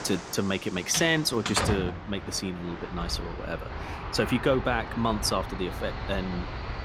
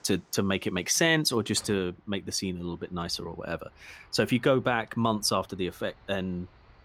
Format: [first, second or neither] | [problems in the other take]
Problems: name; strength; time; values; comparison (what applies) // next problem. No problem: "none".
second | train or aircraft noise; loud; throughout; 6 dB below the speech; faint in the second